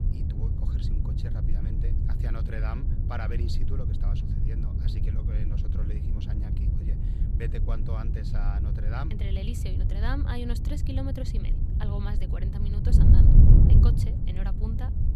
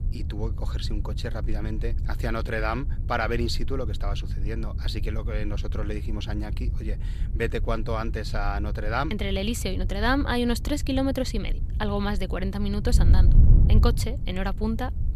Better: second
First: wind noise on the microphone; heavy; 1 dB above the speech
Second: wind noise on the microphone; occasional gusts; 15 dB below the speech

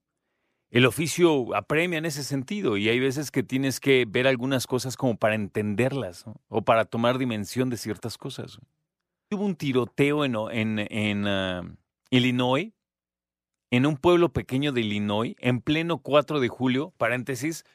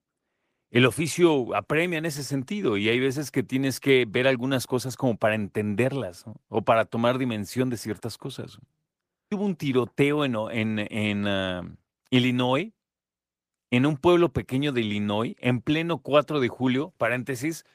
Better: first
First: none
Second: garbled, watery; slightly; nothing above 15 kHz

